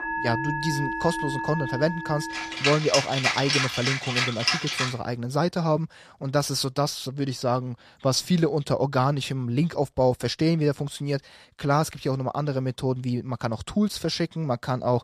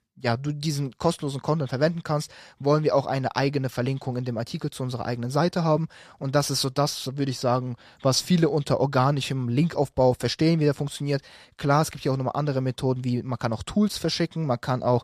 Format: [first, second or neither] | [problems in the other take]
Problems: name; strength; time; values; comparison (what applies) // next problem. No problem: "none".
second | background music; loud; until 5 s; as loud as the speech